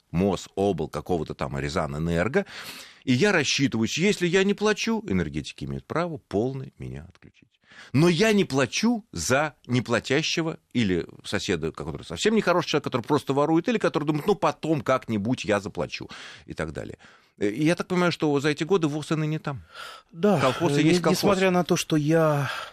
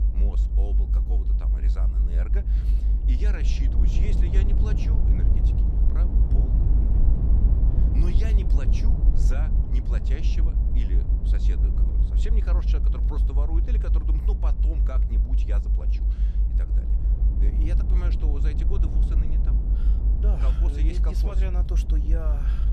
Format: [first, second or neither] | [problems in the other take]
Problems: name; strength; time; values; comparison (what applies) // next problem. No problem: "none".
first | low rumble; loud; throughout; as loud as the speech